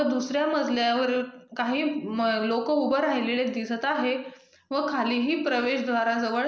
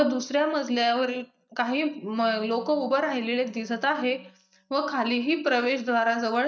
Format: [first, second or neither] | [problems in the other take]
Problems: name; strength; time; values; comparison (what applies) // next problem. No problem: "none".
first | noise reduction (neural mask model DeepFilterNet 3)